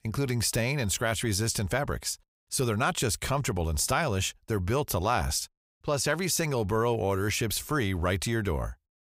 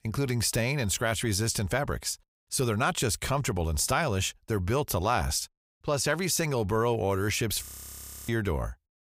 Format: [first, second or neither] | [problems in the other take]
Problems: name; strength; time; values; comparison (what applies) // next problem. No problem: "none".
first | audio freezing; at 7.5 s for 0.5 s